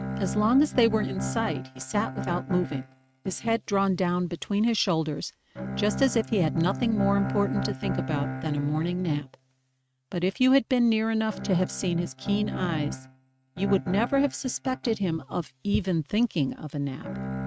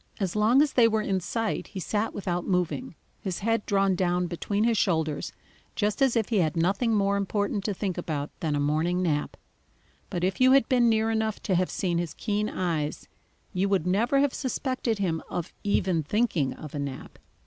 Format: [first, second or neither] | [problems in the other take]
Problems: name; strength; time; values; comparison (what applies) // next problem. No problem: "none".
second | noise reduction (neural mask model RNNoise)